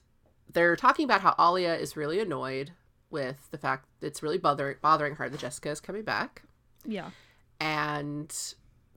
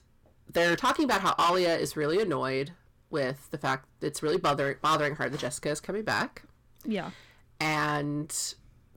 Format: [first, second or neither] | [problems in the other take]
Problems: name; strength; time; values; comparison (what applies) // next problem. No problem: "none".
first | distortion; heavy; 7% of the sound clipped